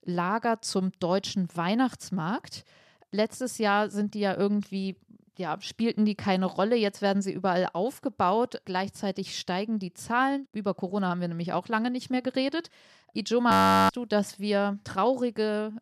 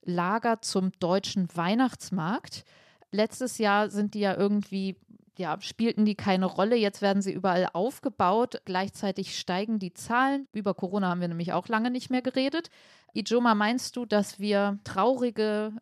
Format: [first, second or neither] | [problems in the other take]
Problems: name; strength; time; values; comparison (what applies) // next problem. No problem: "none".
second | audio freezing; at 14 s